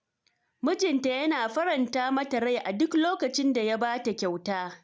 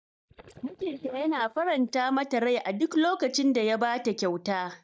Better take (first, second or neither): first